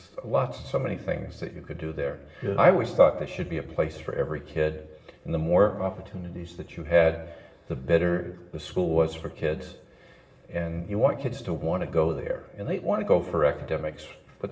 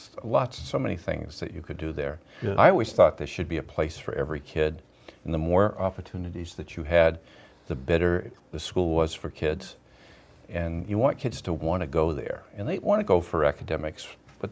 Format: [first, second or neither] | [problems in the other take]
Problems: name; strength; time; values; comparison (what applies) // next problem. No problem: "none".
second | room echo; dies away in 0.8 s